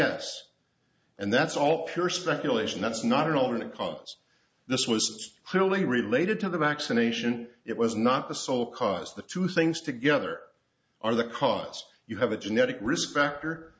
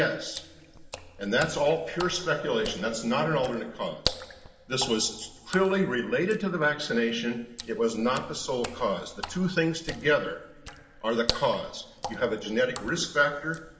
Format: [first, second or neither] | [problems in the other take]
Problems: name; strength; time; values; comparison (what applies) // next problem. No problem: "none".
first | background sound (Water / Splash, splatter); 12 dB below the speech // room echo; dies away in 2.5 s